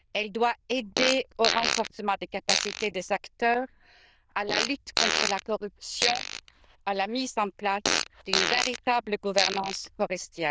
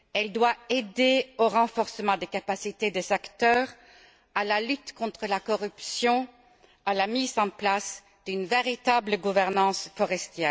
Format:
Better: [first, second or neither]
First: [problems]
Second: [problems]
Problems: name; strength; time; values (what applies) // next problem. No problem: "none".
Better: second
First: noise reduction (neural diffusion model UNIVERSE++)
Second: none